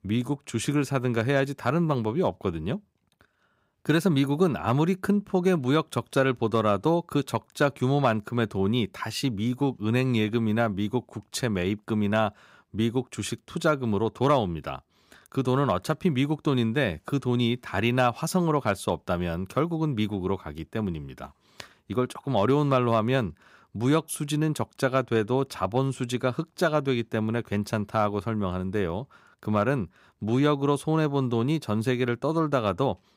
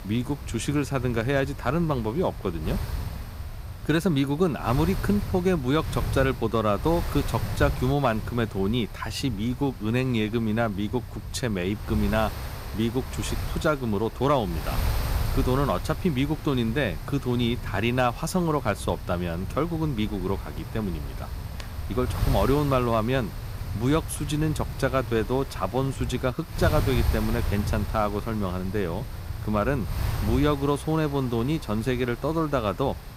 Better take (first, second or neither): first